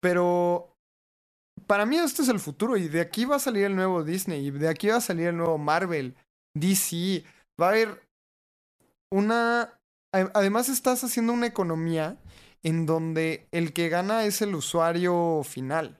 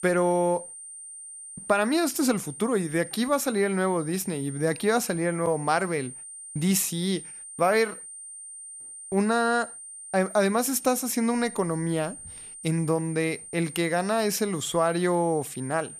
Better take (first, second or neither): first